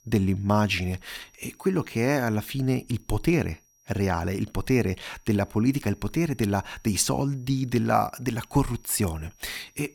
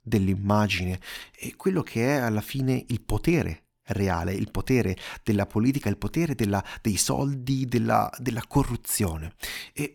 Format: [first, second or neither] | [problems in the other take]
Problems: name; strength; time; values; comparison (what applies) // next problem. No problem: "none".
second | high-pitched whine; faint; throughout; 5.5 kHz, 35 dB below the speech